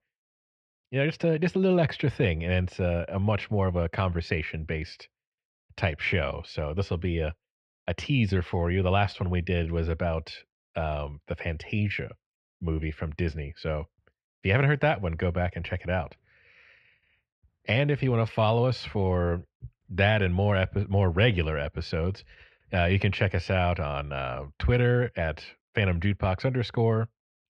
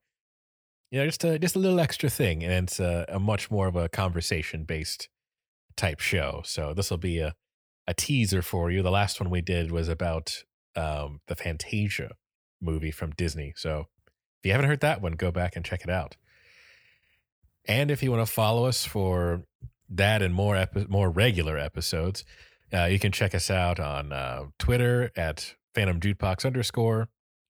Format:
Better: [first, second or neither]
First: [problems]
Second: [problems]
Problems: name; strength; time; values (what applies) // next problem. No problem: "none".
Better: second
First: muffled; slightly; fading above 3 kHz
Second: none